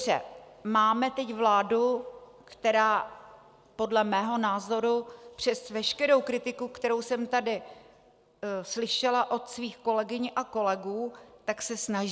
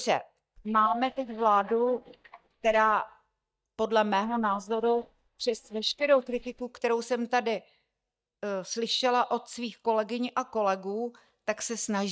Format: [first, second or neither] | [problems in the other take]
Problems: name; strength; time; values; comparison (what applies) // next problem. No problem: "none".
first | noise reduction (neural mask model DeepFilterNet 3)